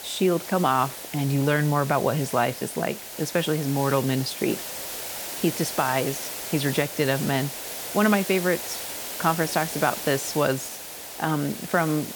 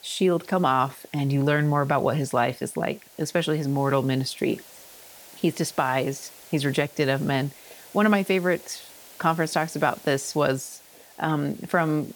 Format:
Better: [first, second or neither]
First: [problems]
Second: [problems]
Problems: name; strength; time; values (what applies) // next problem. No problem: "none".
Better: second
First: hiss; loud; throughout; 7 dB below the speech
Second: hiss; faint; throughout; 20 dB below the speech